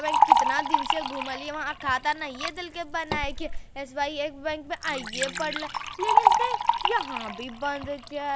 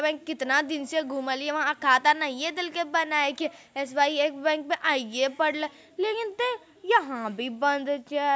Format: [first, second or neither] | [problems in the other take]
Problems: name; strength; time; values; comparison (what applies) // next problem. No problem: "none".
second | background sound (Liquid); 4 dB above the speech